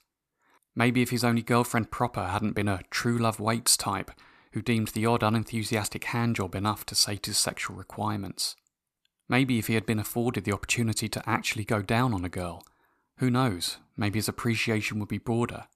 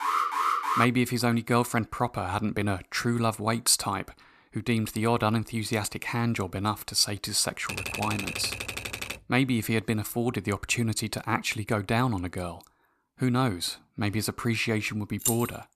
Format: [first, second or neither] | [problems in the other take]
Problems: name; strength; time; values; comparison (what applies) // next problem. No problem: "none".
first | alarm; loud; at the start; peak 2 dB above the speech // keyboard typing; noticeable; from 7.5 to 9 s; peak 4 dB below the speech // jangling keys; noticeable; at 15 s; peak 1 dB below the speech